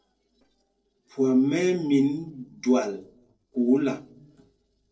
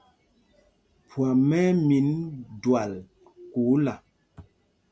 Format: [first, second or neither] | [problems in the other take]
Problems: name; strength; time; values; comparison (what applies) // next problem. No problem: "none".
second | noise reduction (neural separator model SepFormer DNS4)